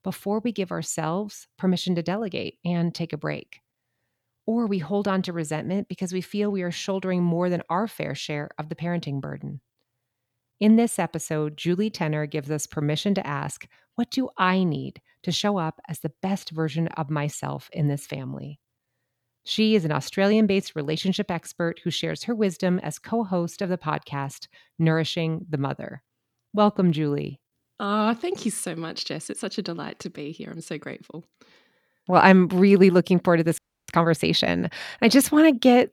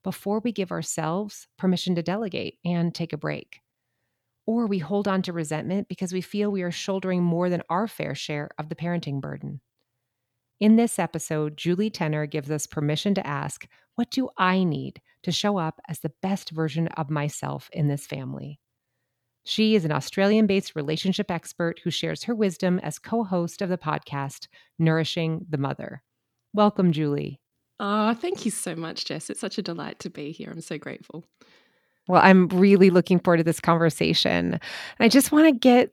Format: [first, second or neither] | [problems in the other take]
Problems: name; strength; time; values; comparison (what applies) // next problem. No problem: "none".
second | audio freezing; at 34 s